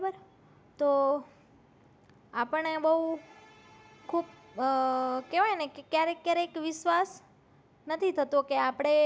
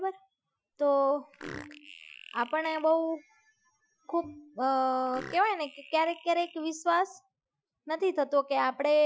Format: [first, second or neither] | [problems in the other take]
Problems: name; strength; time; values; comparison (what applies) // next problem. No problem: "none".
first | noise reduction (classical method Wiener filter)